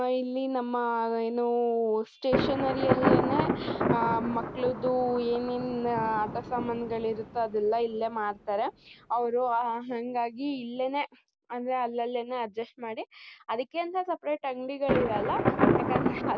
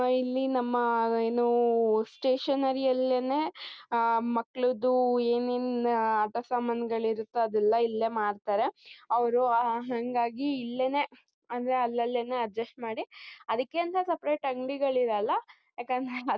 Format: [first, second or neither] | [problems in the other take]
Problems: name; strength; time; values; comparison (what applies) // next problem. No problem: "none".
second | background sound (Thunder); 3 dB below the speech